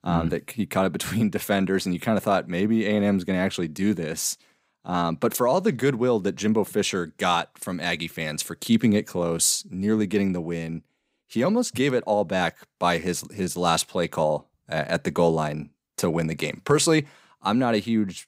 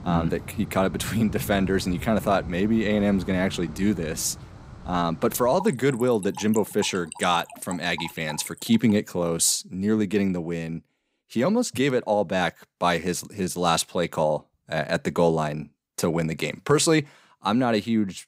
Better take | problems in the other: first | rain or running water; noticeable; until 9 s; 15 dB below the speech

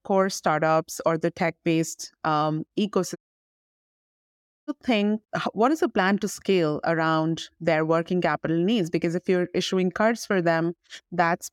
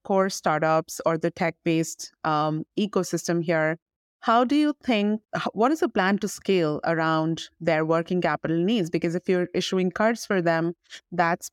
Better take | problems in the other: second | audio cutting out; at 3 s for 1.5 s

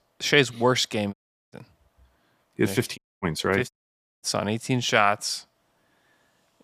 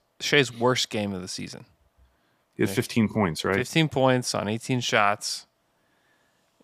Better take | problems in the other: second | audio cutting out; at 1 s, at 3 s and at 3.5 s for 0.5 s

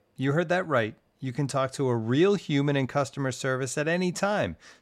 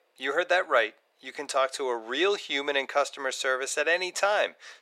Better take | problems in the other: first | thin; very; fading below 450 Hz

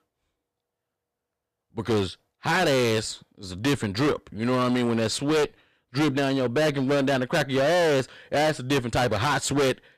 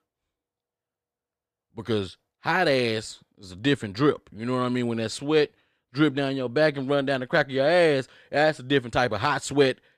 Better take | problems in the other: second | distortion; heavy; 21% of the sound clipped

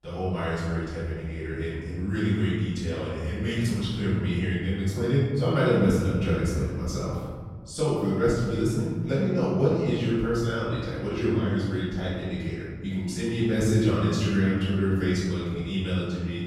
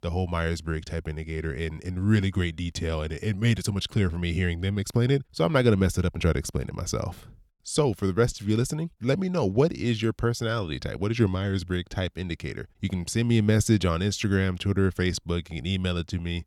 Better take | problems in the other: second | room echo; strong; dies away in 1.6 s // off-mic speech; far

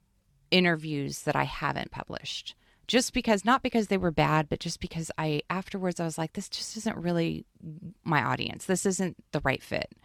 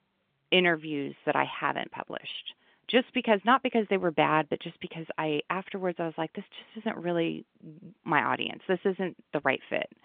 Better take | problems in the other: first | phone-call audio

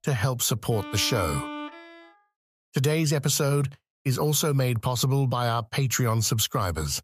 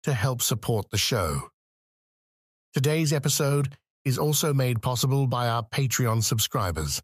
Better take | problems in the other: second | background music; noticeable; until 2 s; 10 dB below the speech

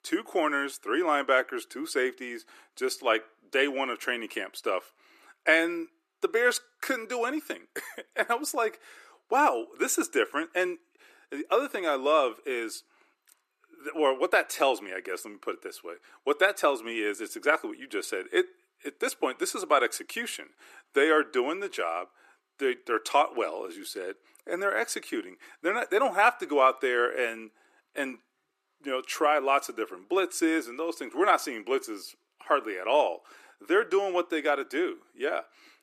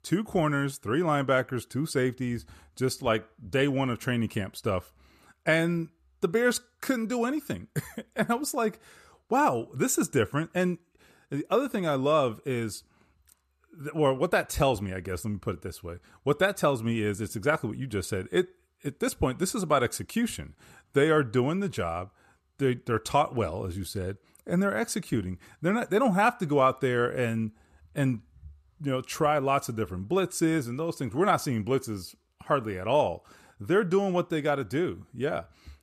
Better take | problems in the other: second | thin; somewhat; fading below 300 Hz

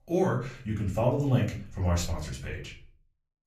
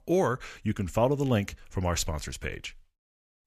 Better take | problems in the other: second | off-mic speech; far // room echo; slight; dies away in 0.4 s

